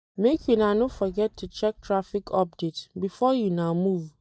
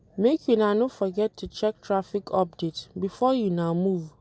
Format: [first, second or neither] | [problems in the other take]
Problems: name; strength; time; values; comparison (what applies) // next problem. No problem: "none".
second | noise reduction (neural mask model DeepFilterNet 3)